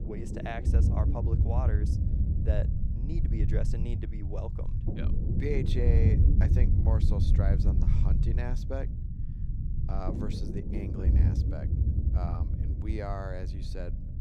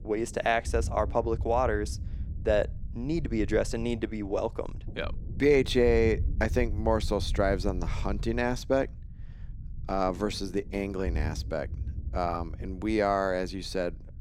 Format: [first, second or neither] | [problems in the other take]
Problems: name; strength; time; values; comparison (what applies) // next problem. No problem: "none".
second | low rumble; loud; throughout; 2 dB below the speech; faint in the second